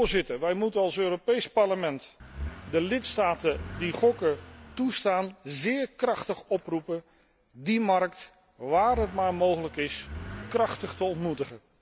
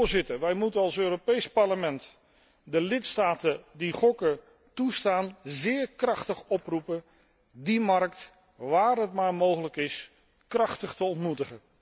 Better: second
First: background sound (Accelerating, revving, vroom / Car); 13 dB below the speech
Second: none

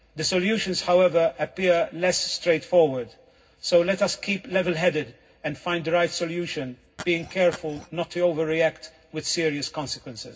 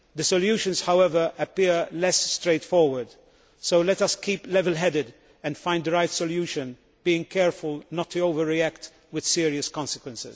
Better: second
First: background sound (Glass); 16 dB below the speech // room echo; dies away in 0.4 s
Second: none

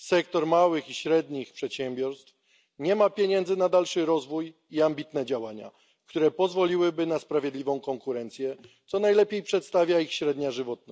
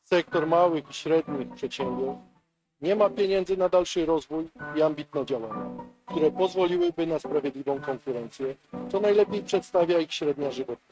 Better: first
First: none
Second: noise reduction (neural mask model RNNoise)

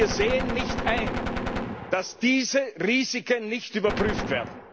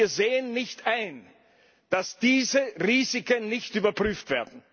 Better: second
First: background sound (Gunshot, gunfire); 5 dB below the speech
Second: none

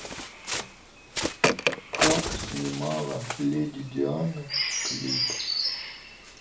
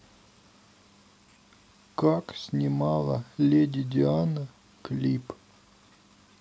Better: second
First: background sound (Bird); 2 dB above the speech // room echo; dies away in 0.3 s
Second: none

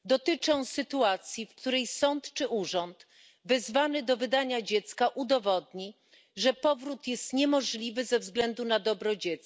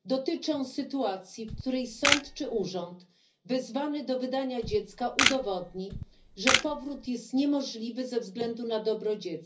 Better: first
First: none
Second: background sound (Camera); 1 dB above the speech // room echo; dies away in 0.5 s

